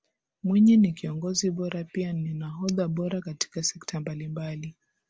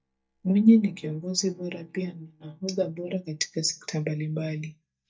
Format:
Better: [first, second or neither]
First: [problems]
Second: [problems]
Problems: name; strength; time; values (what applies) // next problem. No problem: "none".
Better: first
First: none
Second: noise reduction (neural mask model DeepFilterNet 3)